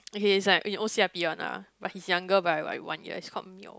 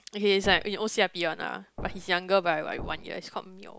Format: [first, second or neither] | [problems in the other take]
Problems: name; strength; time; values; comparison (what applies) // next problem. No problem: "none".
first | background sound (Thump, thud); 14 dB below the speech